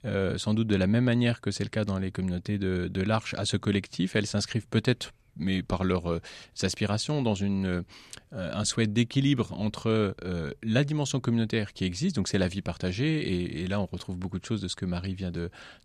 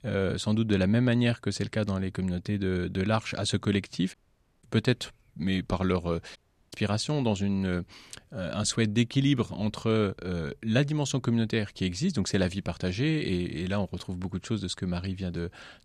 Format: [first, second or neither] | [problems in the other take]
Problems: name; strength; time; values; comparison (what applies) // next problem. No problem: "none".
first | audio cutting out; at 4 s and at 6.5 s